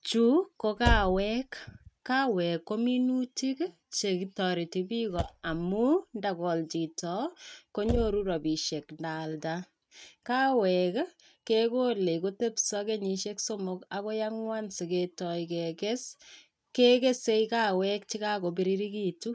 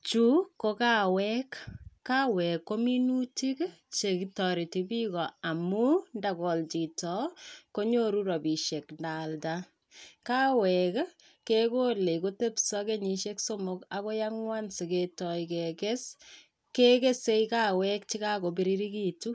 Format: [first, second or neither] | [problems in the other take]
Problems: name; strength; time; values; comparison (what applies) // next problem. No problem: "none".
second | noise reduction (neural mask model RNNoise)